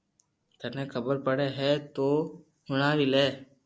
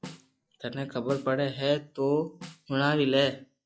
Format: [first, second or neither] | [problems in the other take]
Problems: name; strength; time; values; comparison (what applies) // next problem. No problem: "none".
first | noise reduction (classical method log-MMSE)